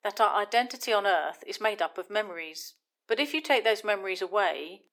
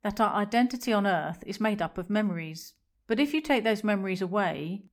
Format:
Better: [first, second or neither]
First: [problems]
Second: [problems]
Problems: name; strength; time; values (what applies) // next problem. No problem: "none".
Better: second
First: thin; very; fading below 350 Hz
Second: none